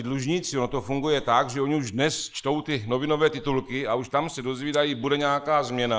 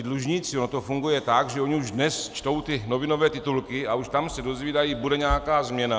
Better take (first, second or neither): second